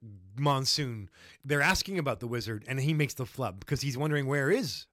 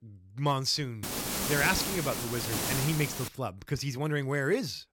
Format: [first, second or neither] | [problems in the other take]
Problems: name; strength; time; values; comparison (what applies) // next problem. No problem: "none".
first | hiss; loud; from 1 to 3.5 s; 1 dB below the speech